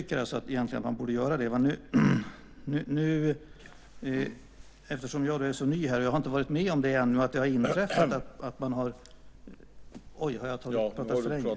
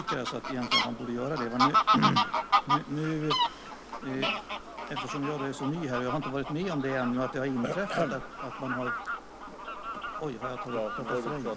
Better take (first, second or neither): first